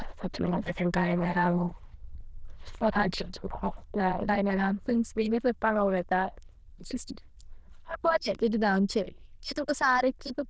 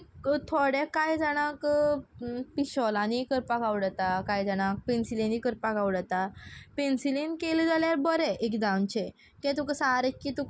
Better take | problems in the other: second | noise reduction (neural diffusion model UNIVERSE++)

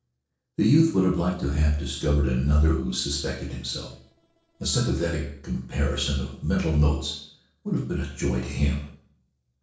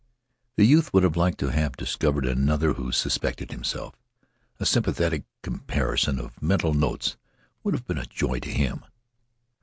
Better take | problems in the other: second | noise reduction (neural separator model SepFormer DNS4)

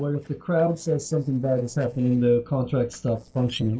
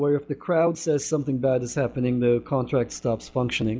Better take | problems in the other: second | noise reduction (neural separator model SepFormer DNS4)

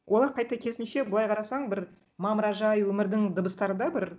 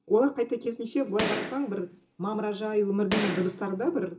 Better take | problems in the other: first | background sound (Gunshot, gunfire); 7 dB below the speech // room echo; dies away in 0.2 s

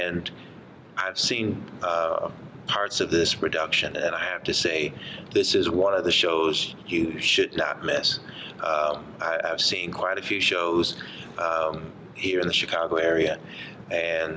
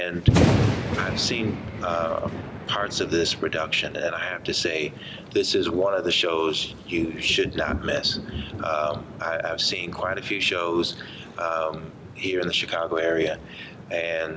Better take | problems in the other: first | background sound (Thunder); 4 dB below the speech

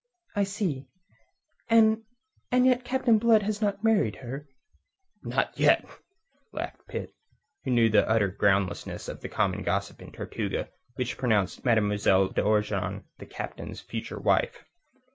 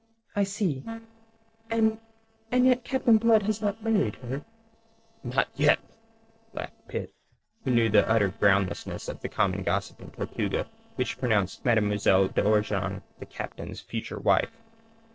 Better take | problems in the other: first | noise reduction (neural separator model SepFormer DNS4)

